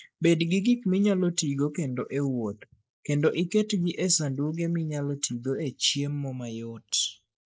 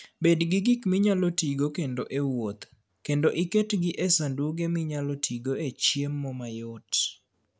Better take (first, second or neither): second